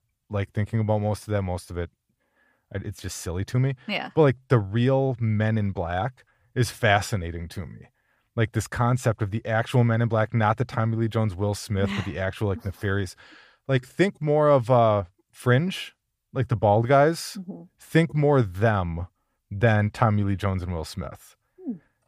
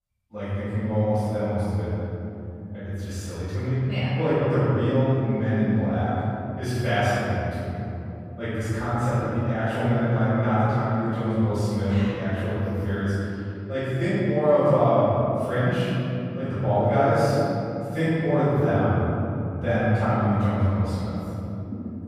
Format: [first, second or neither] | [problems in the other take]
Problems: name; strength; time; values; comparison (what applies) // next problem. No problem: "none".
first | off-mic speech; far // room echo; strong; dies away in 3 s